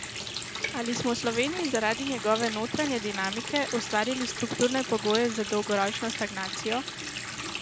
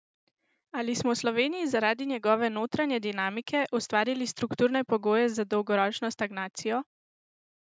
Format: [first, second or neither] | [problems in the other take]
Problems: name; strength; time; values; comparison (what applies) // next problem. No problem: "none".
second | background sound (Water tap, faucet); 6 dB below the speech